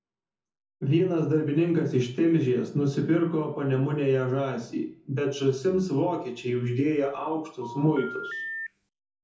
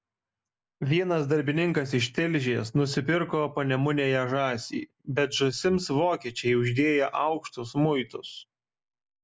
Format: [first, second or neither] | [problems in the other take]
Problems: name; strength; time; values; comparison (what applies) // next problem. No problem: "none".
second | background sound (Telephone); 11 dB below the speech // room echo; dies away in 0.5 s